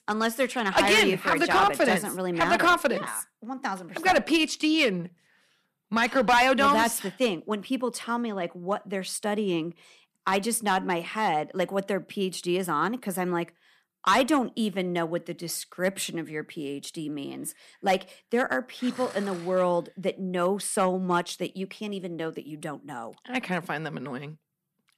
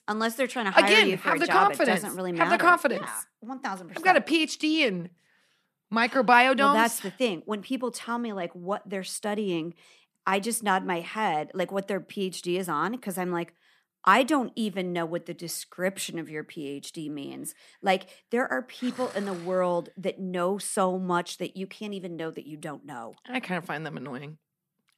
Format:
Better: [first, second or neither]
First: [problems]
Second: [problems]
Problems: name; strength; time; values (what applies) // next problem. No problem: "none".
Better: second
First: distortion; slight; 1.9% of the sound clipped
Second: none